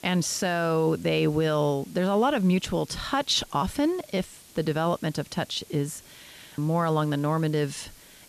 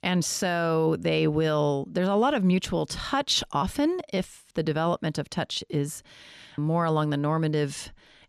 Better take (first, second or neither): second